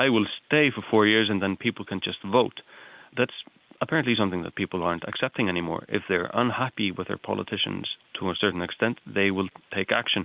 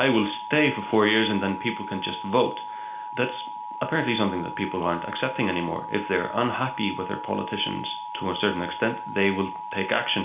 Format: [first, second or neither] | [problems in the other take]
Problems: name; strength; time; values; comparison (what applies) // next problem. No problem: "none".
first | background sound (Alarm); 9 dB below the speech // room echo; dies away in 0.4 s